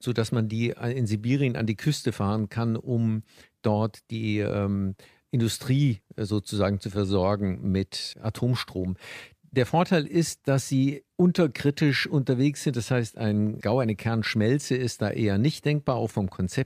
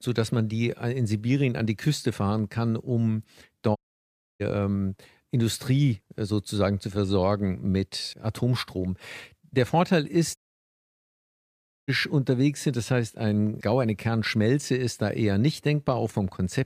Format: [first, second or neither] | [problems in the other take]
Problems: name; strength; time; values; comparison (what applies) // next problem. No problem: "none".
first | audio cutting out; at 4 s for 0.5 s and at 10 s for 1.5 s